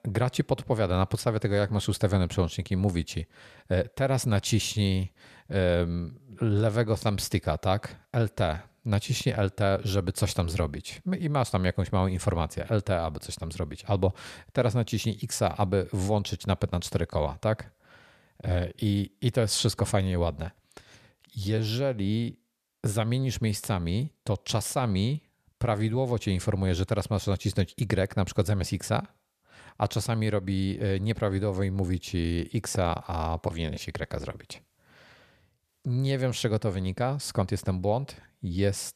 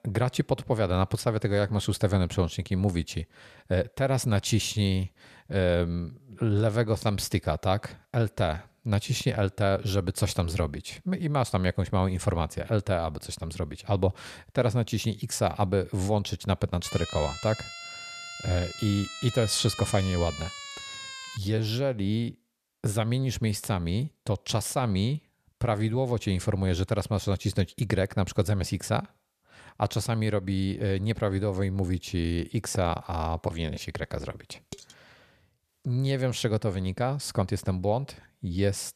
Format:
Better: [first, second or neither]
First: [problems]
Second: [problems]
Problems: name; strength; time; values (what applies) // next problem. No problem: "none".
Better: first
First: none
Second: siren; noticeable; from 17 to 21 s; peak 8 dB below the speech // clattering dishes; faint; at 35 s; peak 15 dB below the speech